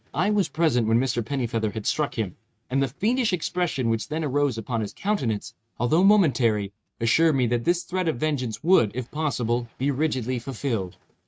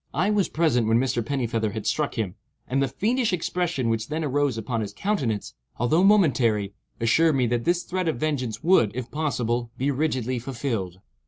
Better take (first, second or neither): second